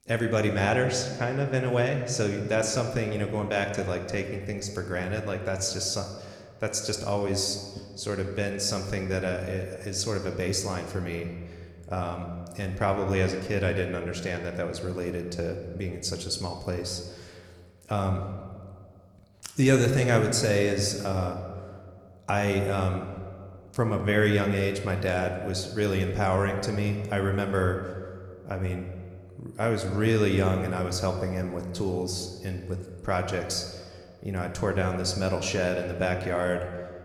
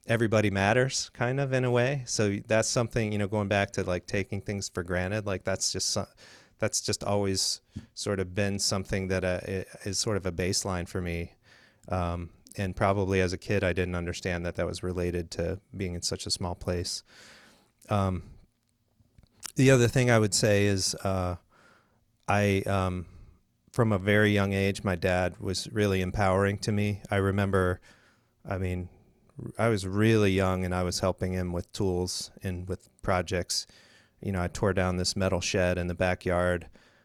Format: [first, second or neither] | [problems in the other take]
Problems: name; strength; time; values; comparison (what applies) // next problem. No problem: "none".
second | room echo; slight; dies away in 1.4 s